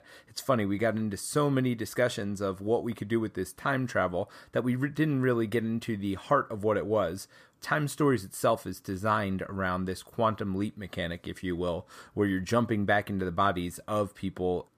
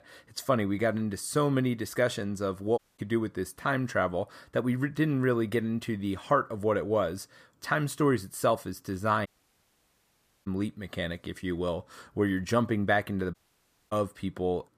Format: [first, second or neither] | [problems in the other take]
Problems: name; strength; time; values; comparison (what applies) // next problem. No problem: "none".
first | audio cutting out; at 3 s, at 9.5 s for 1 s and at 13 s for 0.5 s